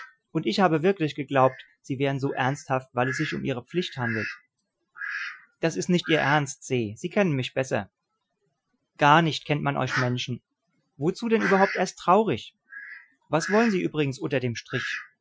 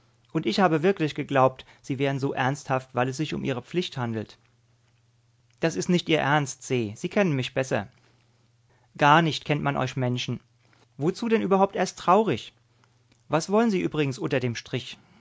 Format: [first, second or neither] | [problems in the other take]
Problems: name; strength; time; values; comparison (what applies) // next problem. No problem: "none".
second | noise reduction (classical method Wiener filter)